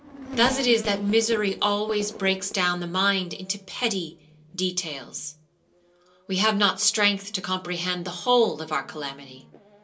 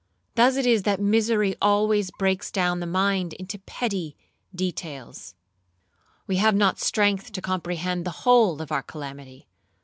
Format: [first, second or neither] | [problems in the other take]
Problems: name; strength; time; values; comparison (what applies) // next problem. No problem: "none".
second | background sound (Race car, auto racing / Accelerating, revving, vroom); 16 dB below the speech // room echo; dies away in 0.2 s